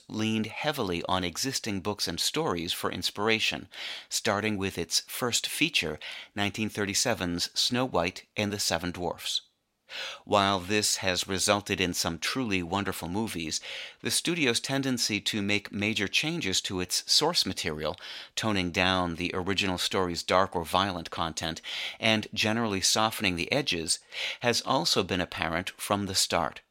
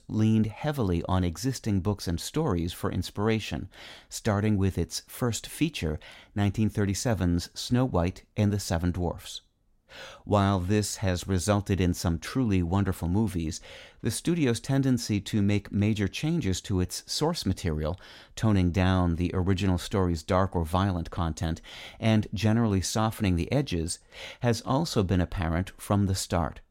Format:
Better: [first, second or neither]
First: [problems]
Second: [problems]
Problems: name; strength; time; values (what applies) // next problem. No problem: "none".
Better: second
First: thin; somewhat; fading below 650 Hz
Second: none